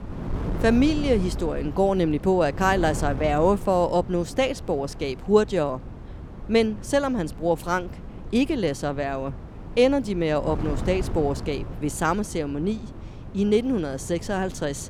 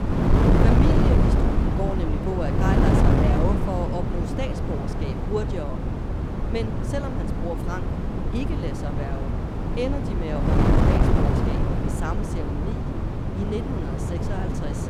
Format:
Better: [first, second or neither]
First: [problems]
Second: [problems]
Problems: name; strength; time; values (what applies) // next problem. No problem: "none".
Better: first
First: wind noise on the microphone; occasional gusts; 15 dB below the speech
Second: wind noise on the microphone; heavy; 3 dB above the speech